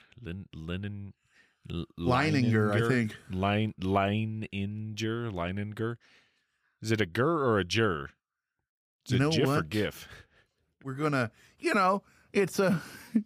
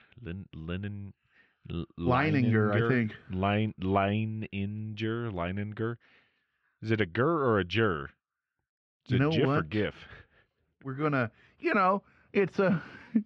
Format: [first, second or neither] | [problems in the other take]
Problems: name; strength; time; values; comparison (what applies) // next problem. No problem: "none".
first | muffled; slightly; fading above 3 kHz